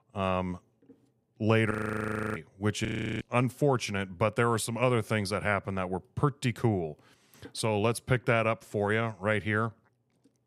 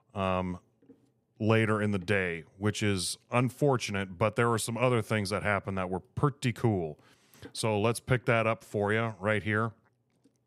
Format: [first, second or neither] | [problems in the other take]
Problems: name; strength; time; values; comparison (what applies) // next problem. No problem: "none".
second | audio freezing; at 1.5 s for 0.5 s and at 3 s